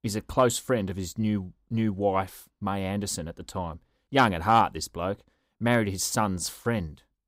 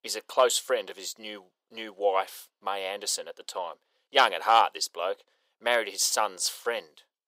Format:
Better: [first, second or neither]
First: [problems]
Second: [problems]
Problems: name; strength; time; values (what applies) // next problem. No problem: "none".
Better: first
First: none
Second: thin; very; fading below 500 Hz